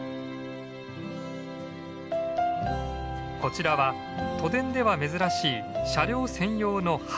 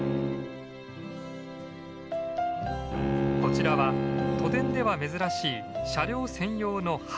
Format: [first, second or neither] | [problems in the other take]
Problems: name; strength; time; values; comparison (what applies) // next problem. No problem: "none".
first | background sound (Bowed string instrument); 1 dB below the speech